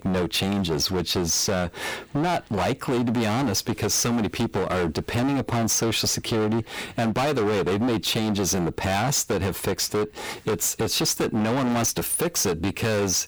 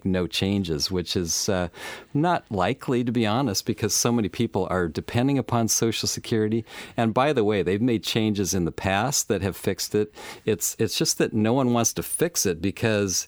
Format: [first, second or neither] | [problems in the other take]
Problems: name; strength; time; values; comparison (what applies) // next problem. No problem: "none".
second | distortion; heavy; 30% of the sound clipped